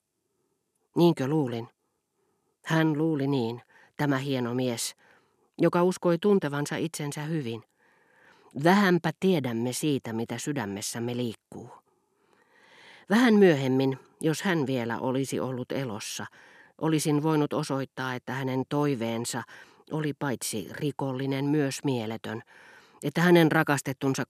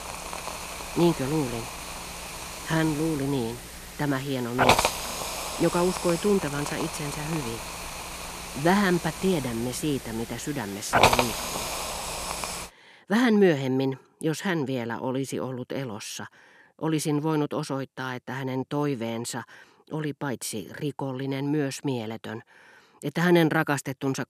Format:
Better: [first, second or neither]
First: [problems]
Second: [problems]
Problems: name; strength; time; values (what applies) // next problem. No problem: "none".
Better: first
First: none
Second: hiss; loud; until 13 s; 2 dB below the speech